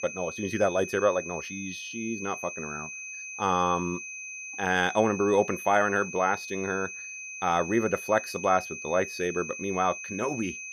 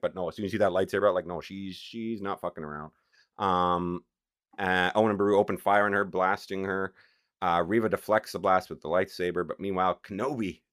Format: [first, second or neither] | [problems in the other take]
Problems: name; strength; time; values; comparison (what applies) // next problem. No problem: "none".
second | high-pitched whine; loud; throughout; 2.5 kHz, 9 dB below the speech